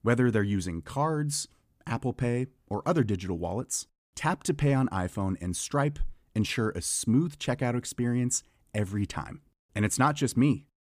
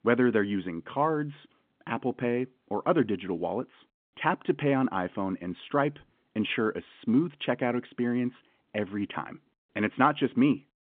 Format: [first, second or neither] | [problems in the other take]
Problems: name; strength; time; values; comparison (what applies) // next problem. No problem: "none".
first | phone-call audio; nothing above 3.5 kHz